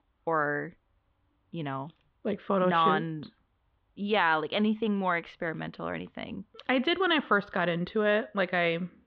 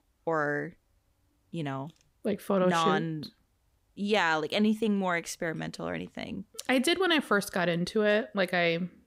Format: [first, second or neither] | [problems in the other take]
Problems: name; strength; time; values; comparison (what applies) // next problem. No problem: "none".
second | muffled; slightly; fading above 3.5 kHz